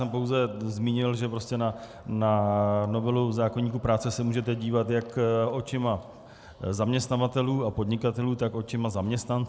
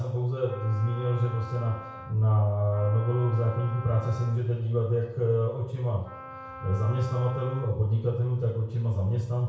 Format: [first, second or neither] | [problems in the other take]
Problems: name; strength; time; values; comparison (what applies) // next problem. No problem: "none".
first | background sound (Wind instrument, woodwind instrument); 16 dB below the speech // room echo; dies away in 0.6 s